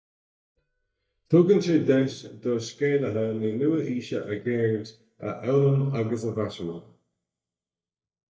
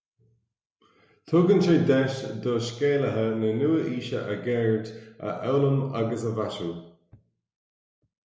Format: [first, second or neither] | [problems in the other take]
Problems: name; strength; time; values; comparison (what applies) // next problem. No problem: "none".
second | noise reduction (neural mask model DeepFilterNet 3)